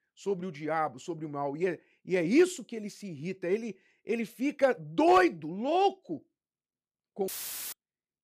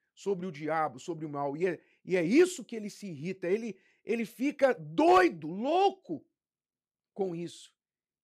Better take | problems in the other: second | audio cutting out; filled with static; at 7.5 s

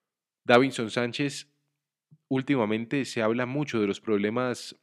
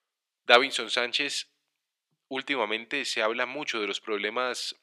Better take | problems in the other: first | thin; somewhat; fading below 550 Hz

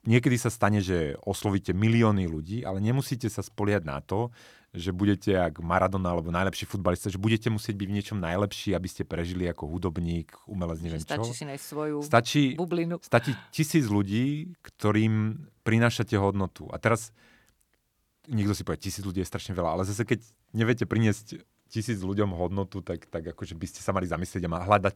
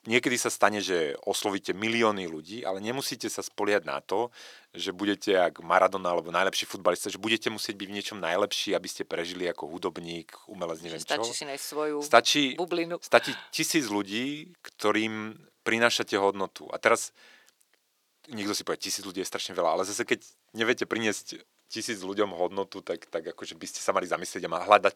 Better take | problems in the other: first | thin; somewhat; fading below 450 Hz

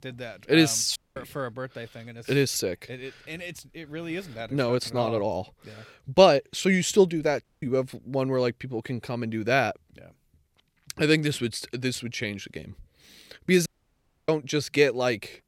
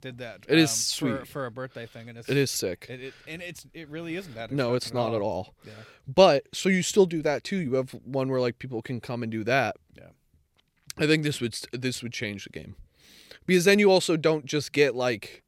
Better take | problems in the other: second | audio cutting out; at 1 s, at 7.5 s and at 14 s for 0.5 s

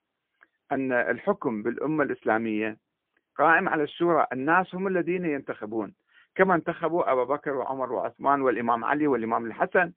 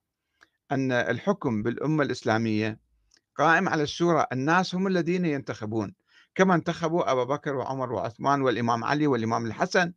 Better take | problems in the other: second | phone-call audio; poor line; nothing above 3.5 kHz

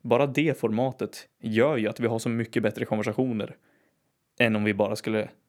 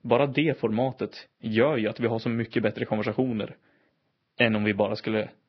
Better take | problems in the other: first | garbled, watery; badly; nothing above 5.5 kHz

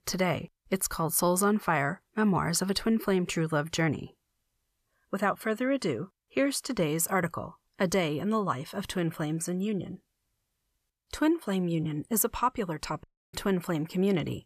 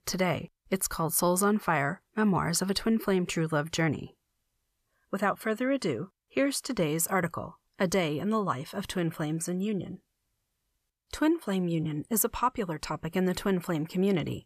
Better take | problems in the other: second | audio cutting out; at 13 s

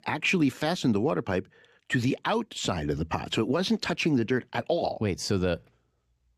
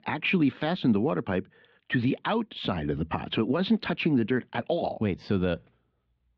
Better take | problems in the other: first | muffled; slightly; fading above 3.5 kHz

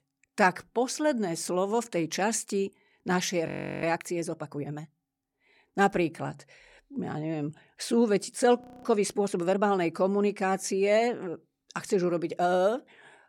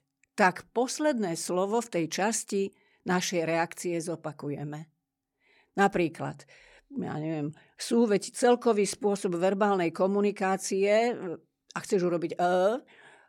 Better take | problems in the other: second | audio freezing; at 3.5 s and at 8.5 s

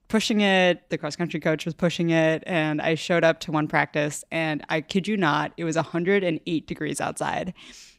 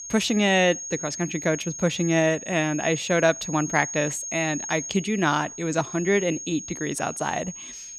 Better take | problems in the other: first | high-pitched whine; loud; throughout; 6.5 kHz, 9 dB below the speech

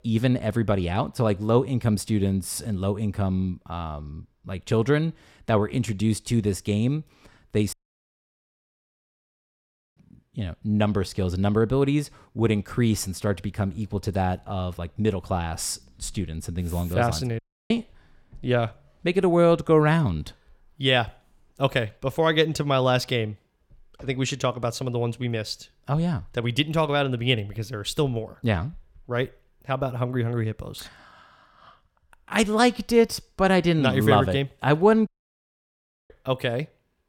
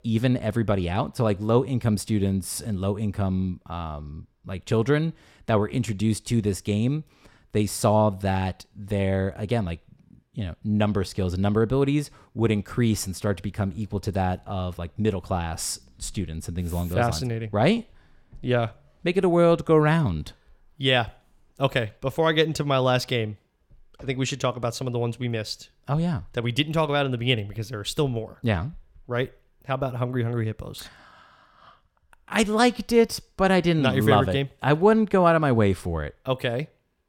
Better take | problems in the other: second | audio cutting out; at 7.5 s for 2 s, at 17 s and at 35 s for 1 s

